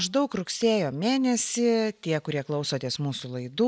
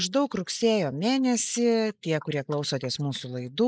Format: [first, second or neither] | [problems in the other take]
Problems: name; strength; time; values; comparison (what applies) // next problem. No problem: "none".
first | noise reduction (neural mask model Resemble Enhance denoiser)